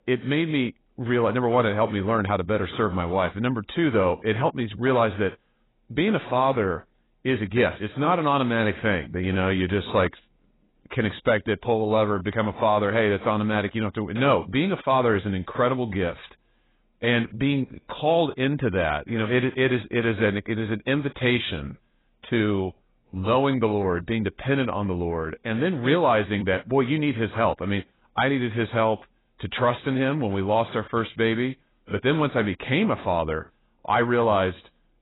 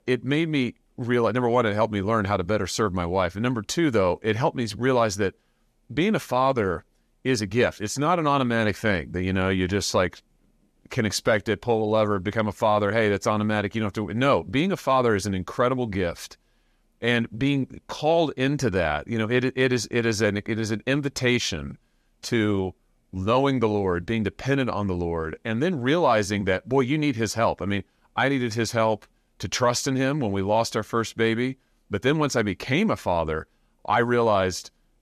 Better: second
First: garbled, watery; badly; nothing above 4 kHz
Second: none

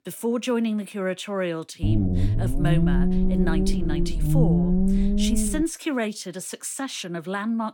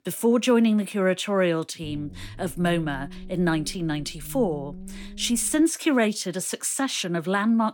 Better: second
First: low rumble; loud; from 2 to 5.5 s; 1 dB below the speech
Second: low rumble; faint; from 2 to 5.5 s; 25 dB below the speech

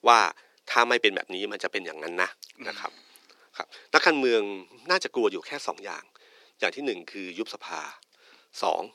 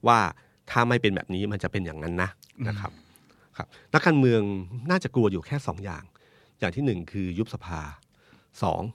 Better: second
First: thin; very; fading below 350 Hz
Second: none

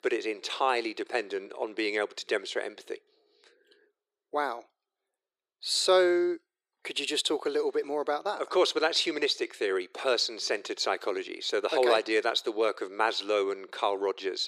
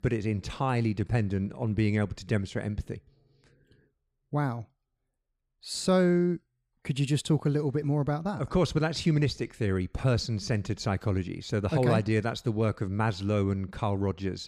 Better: second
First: thin; very; fading below 350 Hz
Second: none

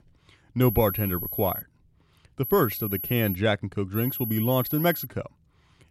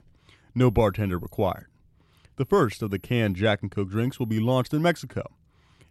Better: second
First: high-pitched whine; loud; at 0.5 s, at 2.5 s and from 4 to 5 s; 11.5 kHz, 6 dB below the speech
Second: high-pitched whine; faint; at 0.5 s, at 2.5 s and from 4 to 5 s; 11.5 kHz, 30 dB below the speech

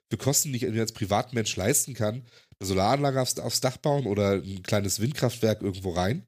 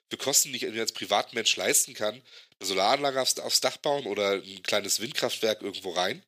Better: first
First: none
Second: thin; somewhat; fading below 400 Hz

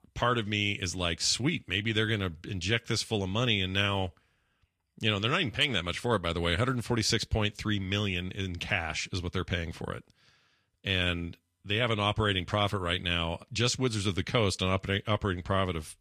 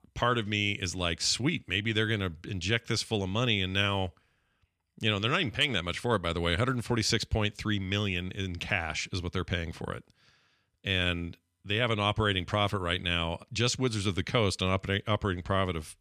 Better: second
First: garbled, watery; slightly; nothing above 14.5 kHz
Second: none

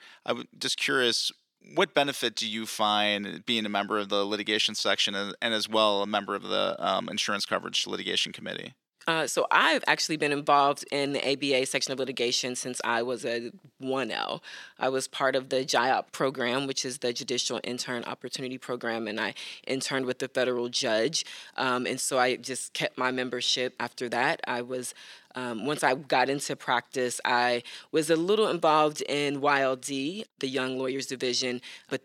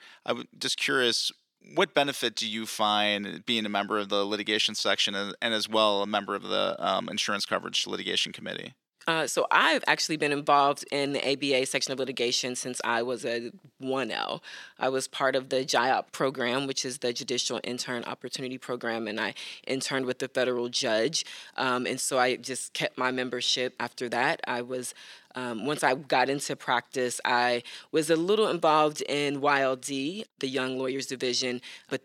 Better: neither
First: thin; very slightly; fading below 300 Hz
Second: thin; very slightly; fading below 300 Hz

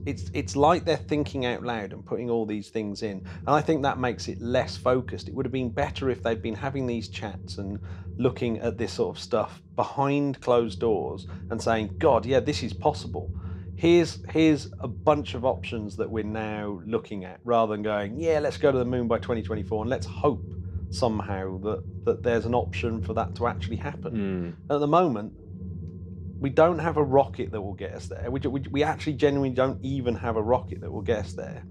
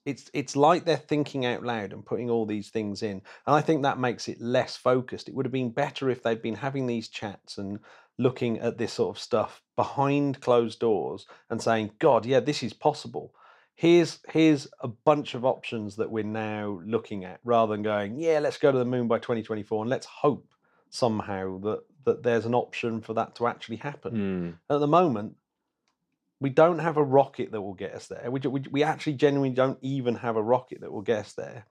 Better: second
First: low rumble; faint; throughout; 25 dB below the speech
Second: none

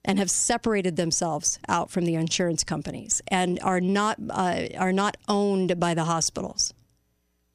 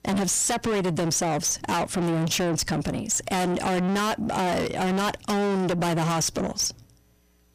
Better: first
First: none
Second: distortion; heavy; 6 dB below the speech

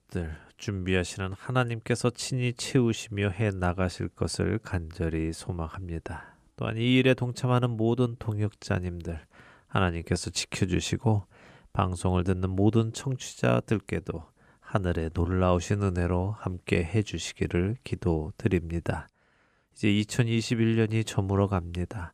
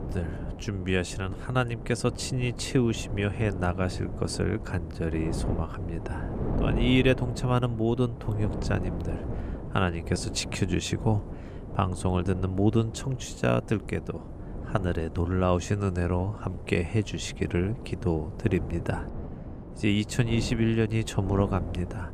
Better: first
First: none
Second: wind noise on the microphone; occasional gusts; 10 dB below the speech

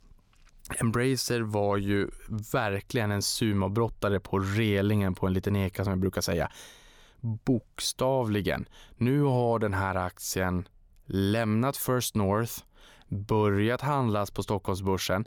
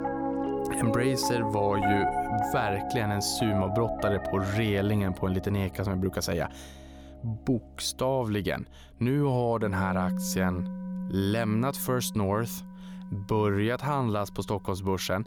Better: first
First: none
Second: background music; loud; throughout; 4 dB below the speech

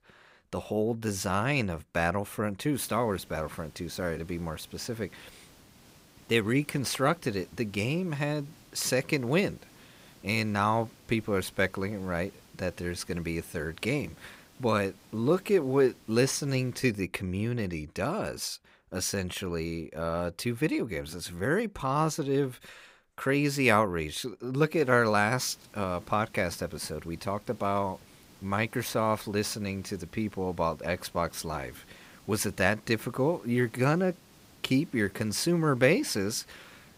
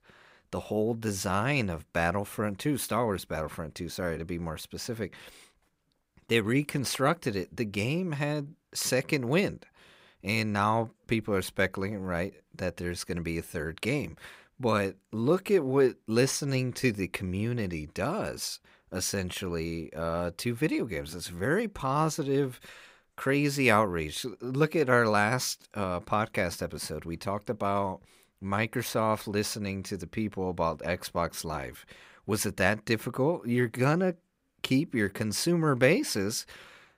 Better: second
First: hiss; faint; from 2.5 to 17 s and from 25 s on; 25 dB below the speech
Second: none

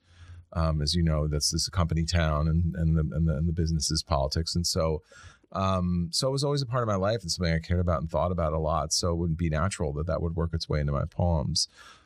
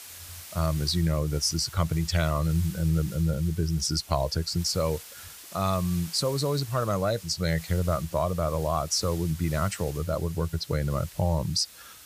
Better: first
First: none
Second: hiss; noticeable; throughout; 15 dB below the speech

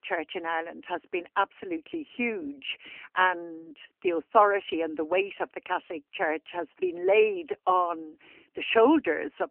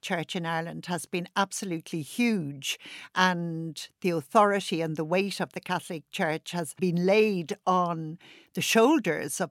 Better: second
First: phone-call audio; nothing above 3 kHz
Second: none

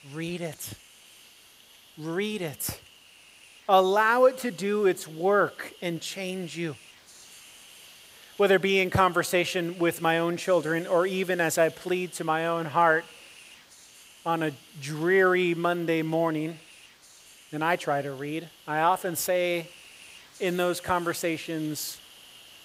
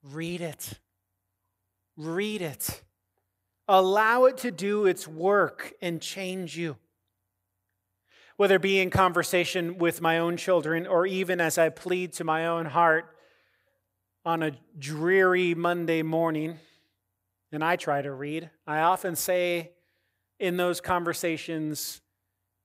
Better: second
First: hiss; faint; throughout; 20 dB below the speech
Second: none

